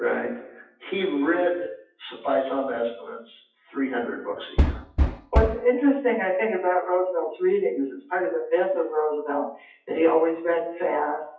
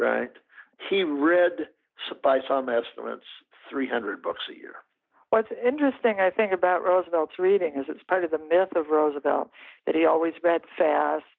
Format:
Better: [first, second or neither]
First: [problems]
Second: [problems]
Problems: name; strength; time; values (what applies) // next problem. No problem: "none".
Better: second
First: noise reduction (classical method WPE with log-MMSE)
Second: none